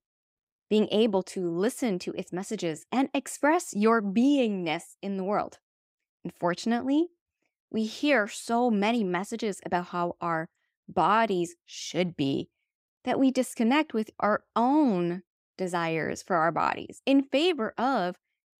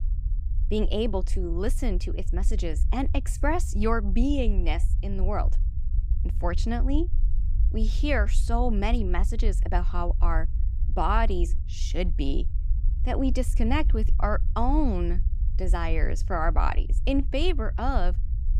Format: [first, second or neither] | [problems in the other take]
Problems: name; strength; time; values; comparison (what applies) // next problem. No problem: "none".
first | low rumble; noticeable; throughout; 20 dB below the speech